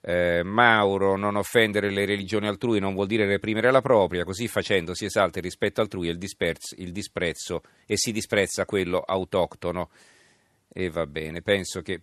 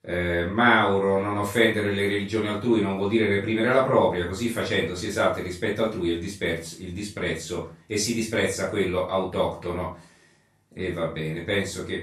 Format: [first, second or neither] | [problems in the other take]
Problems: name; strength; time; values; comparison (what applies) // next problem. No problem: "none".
first | off-mic speech; far // room echo; noticeable; dies away in 0.3 s